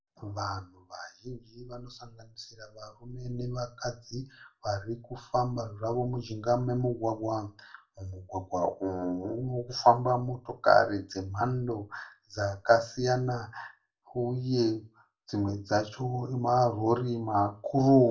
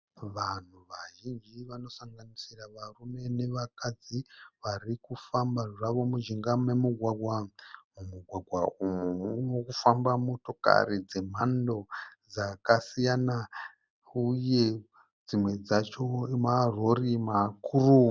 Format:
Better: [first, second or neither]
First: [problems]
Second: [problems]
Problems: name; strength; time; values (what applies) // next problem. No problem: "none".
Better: second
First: room echo; dies away in 0.2 s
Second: none